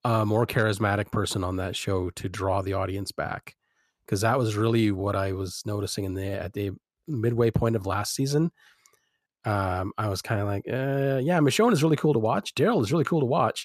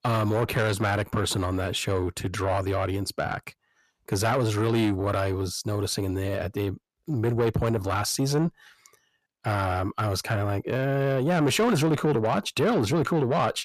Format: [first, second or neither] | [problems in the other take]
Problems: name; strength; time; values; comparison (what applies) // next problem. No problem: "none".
first | distortion; slight; 10 dB below the speech